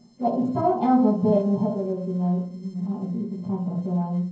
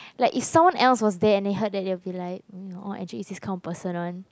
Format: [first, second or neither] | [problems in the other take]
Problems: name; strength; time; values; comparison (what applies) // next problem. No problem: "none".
second | noise reduction (neural separator model SepFormer DNS4)